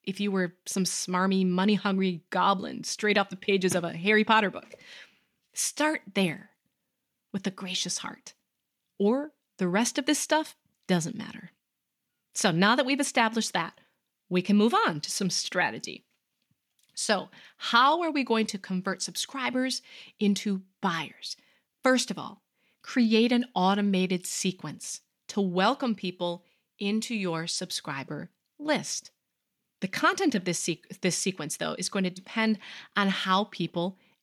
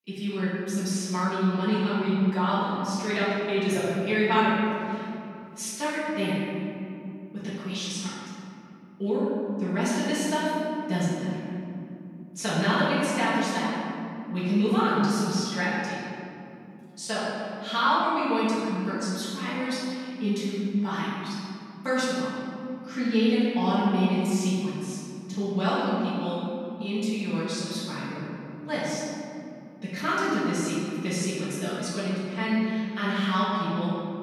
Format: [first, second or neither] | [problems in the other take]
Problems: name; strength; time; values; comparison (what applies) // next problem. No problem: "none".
first | off-mic speech; far // room echo; strong; dies away in 2.9 s